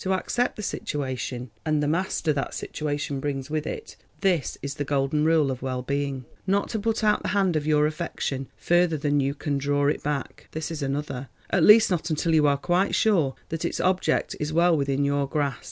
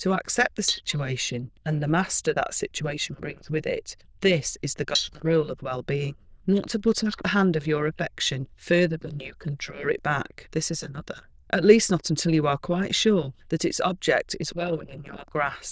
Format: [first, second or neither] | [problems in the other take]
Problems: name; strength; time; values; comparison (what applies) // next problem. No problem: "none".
first | noise reduction (neural diffusion model UNIVERSE++)